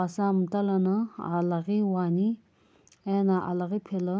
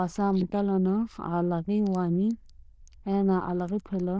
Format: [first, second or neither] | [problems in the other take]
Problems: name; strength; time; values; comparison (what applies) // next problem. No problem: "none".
first | noise reduction (neural diffusion model UNIVERSE++)